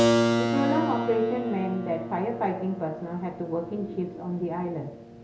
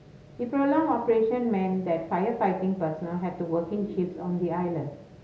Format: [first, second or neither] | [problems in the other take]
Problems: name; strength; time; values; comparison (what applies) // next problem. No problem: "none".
second | background sound (Keyboard (musical)); as loud as the speech